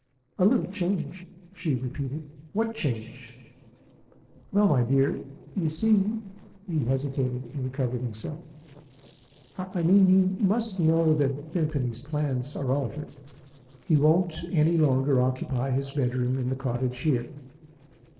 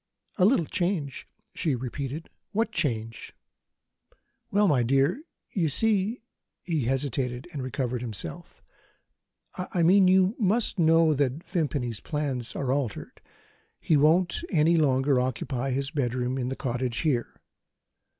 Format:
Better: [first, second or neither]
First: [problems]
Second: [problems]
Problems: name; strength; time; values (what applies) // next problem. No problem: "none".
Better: second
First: noise reduction (neural separator model SepFormer DNS4)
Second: none